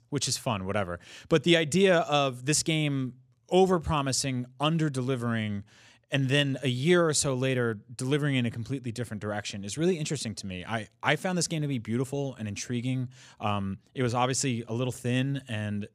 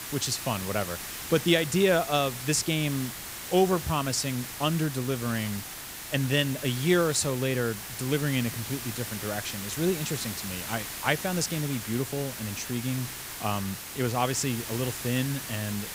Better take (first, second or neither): first